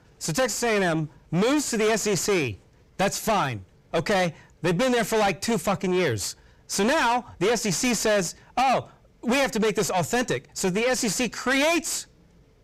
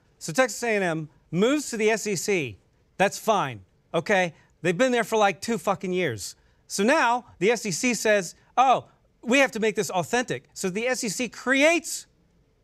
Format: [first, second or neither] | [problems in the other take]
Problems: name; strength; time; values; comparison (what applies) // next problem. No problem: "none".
second | distortion; heavy; 5 dB below the speech